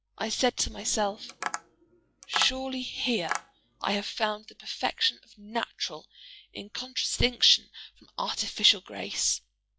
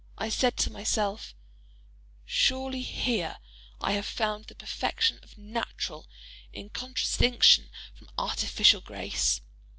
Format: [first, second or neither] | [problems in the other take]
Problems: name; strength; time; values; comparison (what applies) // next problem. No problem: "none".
second | noise reduction (classical method log-MMSE)